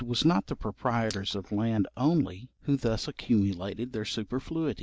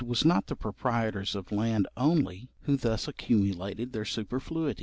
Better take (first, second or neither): second